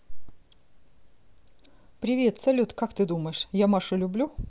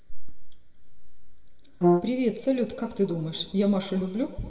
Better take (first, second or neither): first